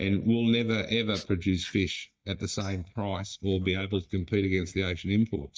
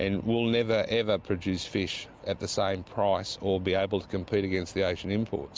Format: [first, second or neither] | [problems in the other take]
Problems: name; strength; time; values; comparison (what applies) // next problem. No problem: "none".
second | noise reduction (neural mask model DeepFilterNet 3)